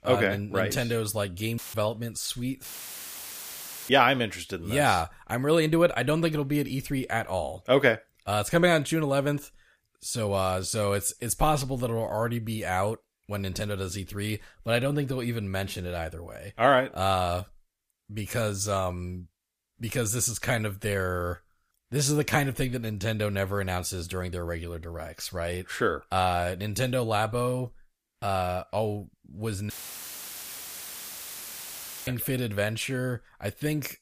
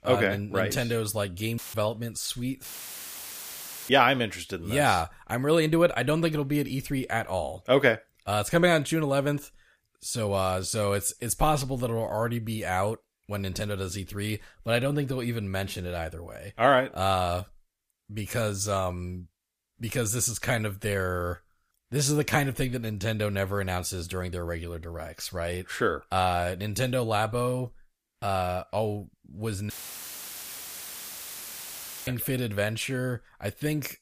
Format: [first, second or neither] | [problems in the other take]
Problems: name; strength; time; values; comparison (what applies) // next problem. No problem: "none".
neither | audio cutting out; filled with static; at 1.5 s, at 2.5 s for 1.5 s and at 30 s for 2.5 s; the same in both